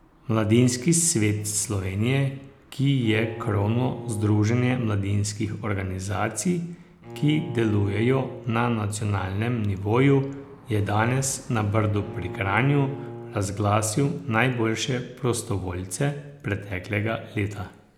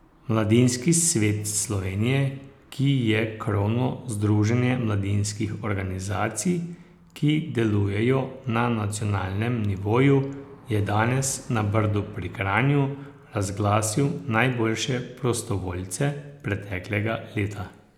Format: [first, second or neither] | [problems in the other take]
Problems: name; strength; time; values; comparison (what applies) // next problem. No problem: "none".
second | background sound (Bowed string instrument); 15 dB below the speech